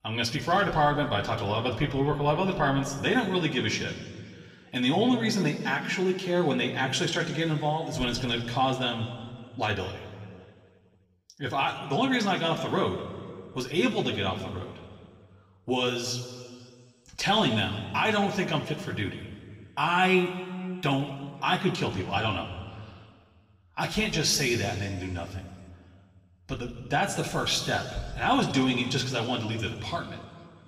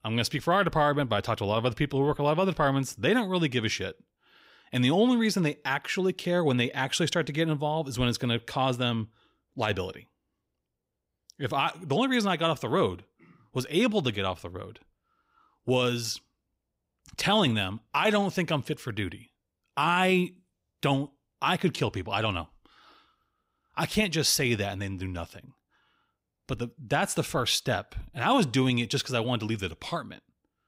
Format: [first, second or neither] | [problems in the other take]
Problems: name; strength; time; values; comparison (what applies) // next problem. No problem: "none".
second | room echo; slight; dies away in 1.9 s // off-mic speech; somewhat distant